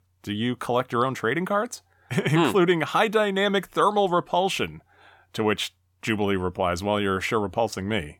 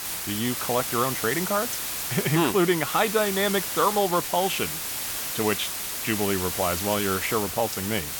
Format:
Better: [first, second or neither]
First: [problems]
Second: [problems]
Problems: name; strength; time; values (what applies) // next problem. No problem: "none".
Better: first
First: none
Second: hiss; loud; throughout; 2 dB below the speech